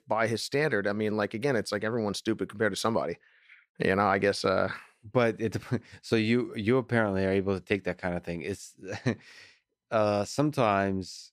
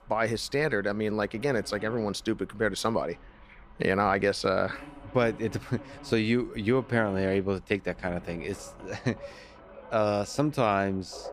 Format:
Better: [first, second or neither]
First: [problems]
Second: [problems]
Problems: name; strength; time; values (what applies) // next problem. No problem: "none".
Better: first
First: none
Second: animal sounds; noticeable; throughout; 20 dB below the speech